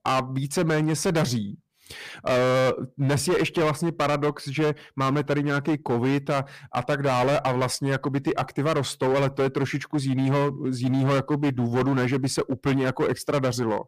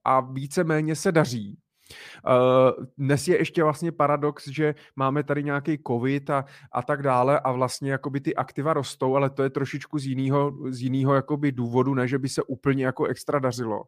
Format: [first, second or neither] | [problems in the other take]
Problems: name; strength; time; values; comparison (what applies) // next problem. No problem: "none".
second | distortion; heavy; 19% of the sound clipped